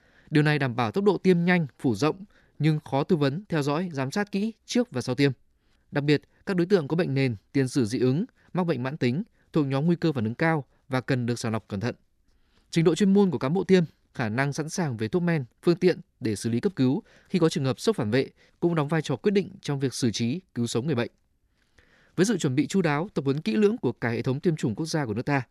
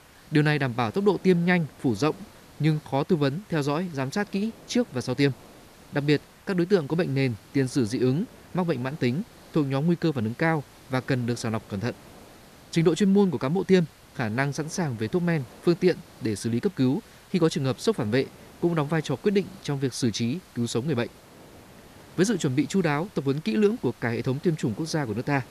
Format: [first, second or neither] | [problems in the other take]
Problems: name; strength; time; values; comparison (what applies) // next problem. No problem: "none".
first | hiss; faint; throughout; 25 dB below the speech